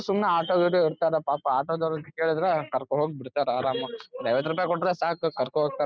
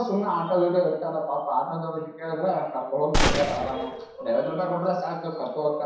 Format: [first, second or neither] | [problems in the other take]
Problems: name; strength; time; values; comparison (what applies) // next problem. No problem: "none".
first | background sound (Gunshot, gunfire); as loud as the speech // room echo; dies away in 0.7 s